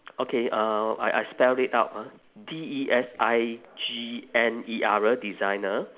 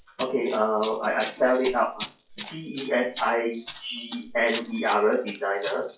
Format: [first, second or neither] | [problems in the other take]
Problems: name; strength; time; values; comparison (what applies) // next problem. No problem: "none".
first | noise reduction (classical method WPE with log-MMSE)